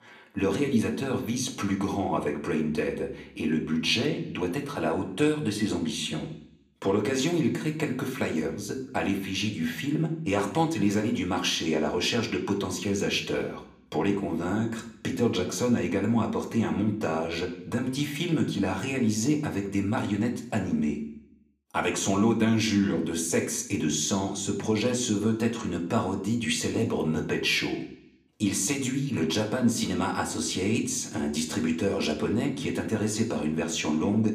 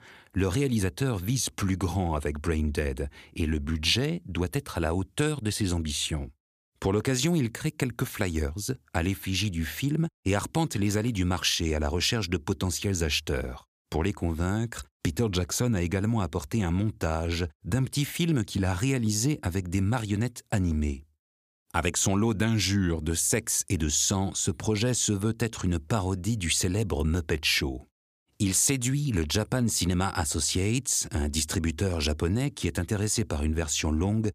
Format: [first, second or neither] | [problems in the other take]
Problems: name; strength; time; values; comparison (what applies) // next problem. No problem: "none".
second | room echo; slight; dies away in 0.7 s // off-mic speech; somewhat distant